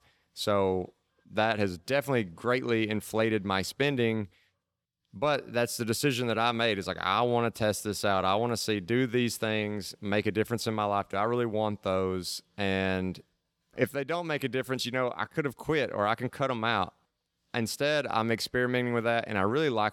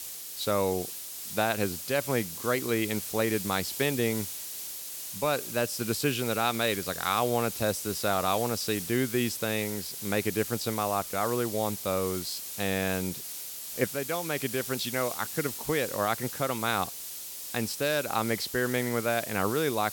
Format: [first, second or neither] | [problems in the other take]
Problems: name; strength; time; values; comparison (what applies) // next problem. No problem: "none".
first | hiss; loud; throughout; 6 dB below the speech